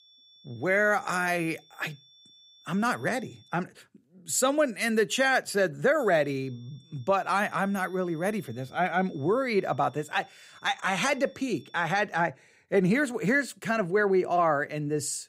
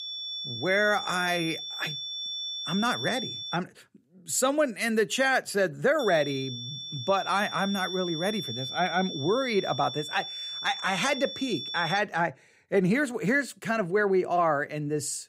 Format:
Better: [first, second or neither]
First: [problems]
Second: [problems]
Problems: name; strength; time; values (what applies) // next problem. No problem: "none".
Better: first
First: high-pitched whine; faint; until 3.5 s and from 6 to 12 s; 3.5 kHz, 30 dB below the speech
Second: high-pitched whine; loud; until 3.5 s and from 6 to 12 s; 3.5 kHz, 6 dB below the speech